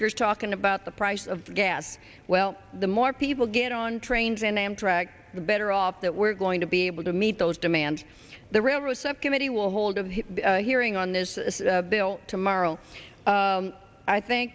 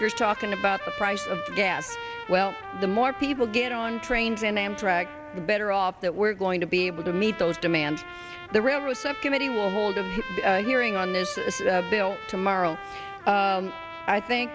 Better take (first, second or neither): first